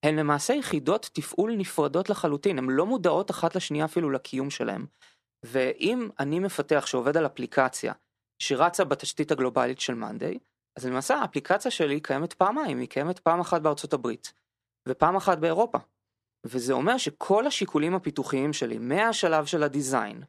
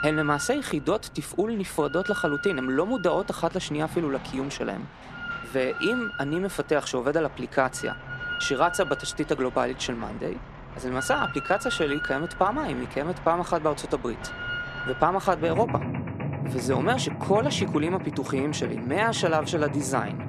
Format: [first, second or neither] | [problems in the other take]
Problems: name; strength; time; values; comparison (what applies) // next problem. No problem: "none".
first | machinery noise; loud; throughout; 7 dB below the speech